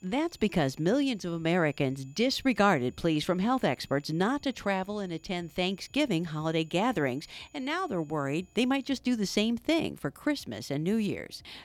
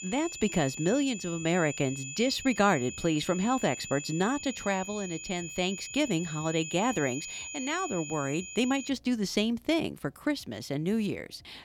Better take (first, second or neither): first